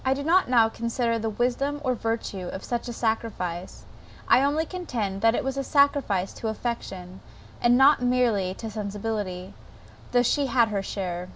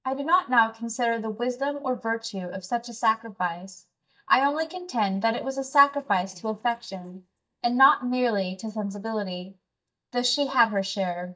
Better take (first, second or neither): first